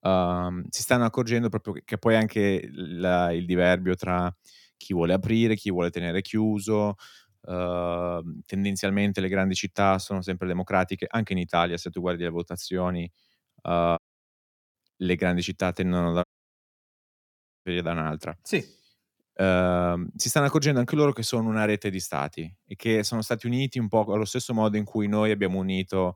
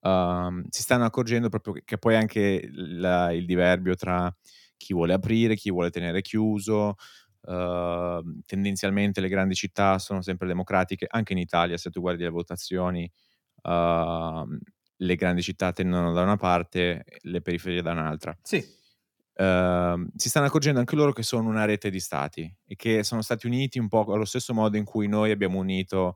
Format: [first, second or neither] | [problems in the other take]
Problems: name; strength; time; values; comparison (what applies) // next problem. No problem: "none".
second | audio cutting out; at 14 s for 1 s and at 16 s for 1.5 s